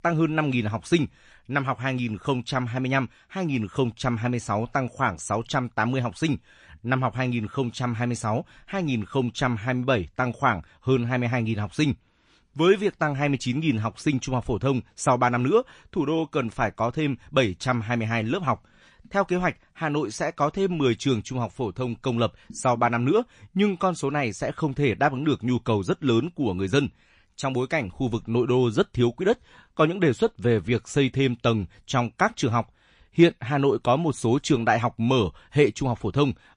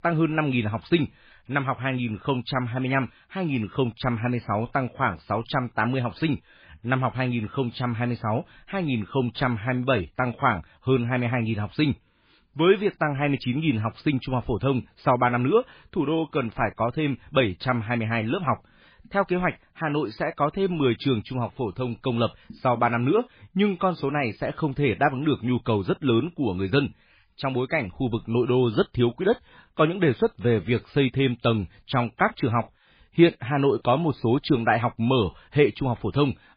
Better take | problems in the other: first | garbled, watery; badly; slightly in the first

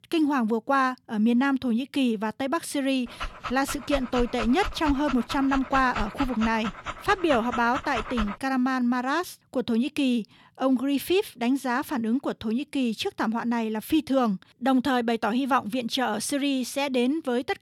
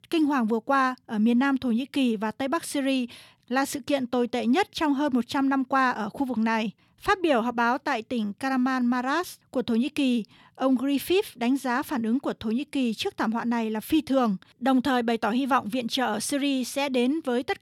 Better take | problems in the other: second | dog barking; noticeable; from 3 to 8.5 s; peak 7 dB below the speech

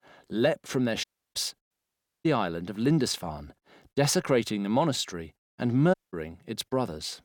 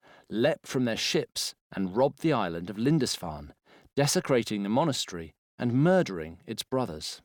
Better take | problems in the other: second | audio cutting out; at 1 s, at 1.5 s for 0.5 s and at 6 s

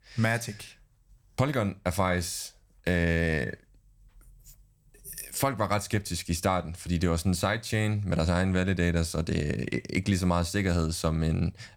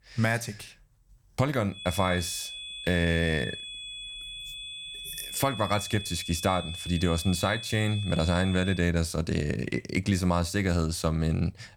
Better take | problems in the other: first | high-pitched whine; loud; from 2 to 9 s; 3.5 kHz, 9 dB below the speech

